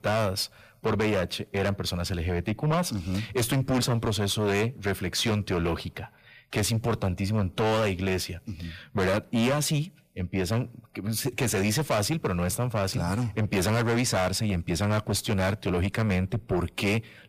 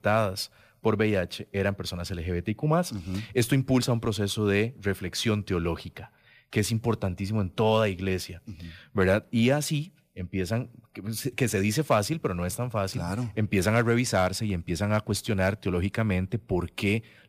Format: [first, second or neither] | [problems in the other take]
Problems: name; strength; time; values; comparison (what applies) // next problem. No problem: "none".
second | distortion; heavy; 7 dB below the speech